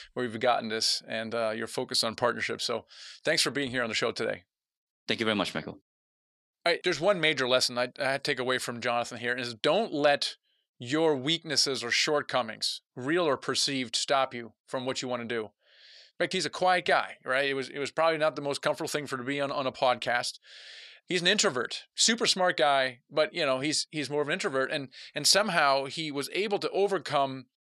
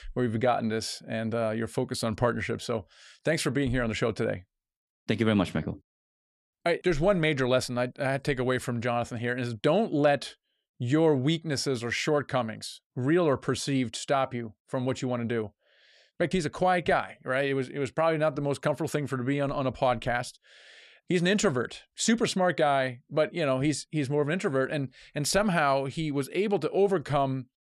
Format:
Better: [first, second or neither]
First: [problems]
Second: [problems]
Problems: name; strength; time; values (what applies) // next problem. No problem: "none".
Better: second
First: thin; very slightly; fading below 650 Hz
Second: none